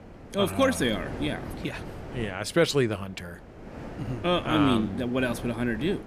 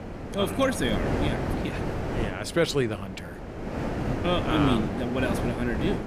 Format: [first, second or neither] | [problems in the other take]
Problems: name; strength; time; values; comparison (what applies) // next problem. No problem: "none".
first | wind noise on the microphone; heavy; 4 dB below the speech; occasional gusts in the first